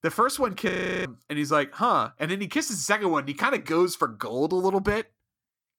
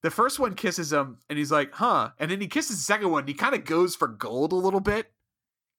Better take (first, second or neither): second